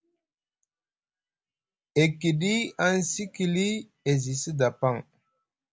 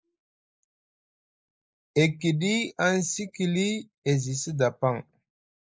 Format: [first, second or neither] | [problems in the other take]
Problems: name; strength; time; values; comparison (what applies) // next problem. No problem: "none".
first | noise reduction (neural mask model Resemble Enhance denoiser)